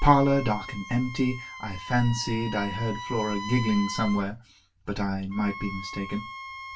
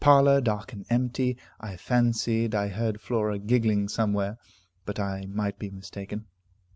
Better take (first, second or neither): second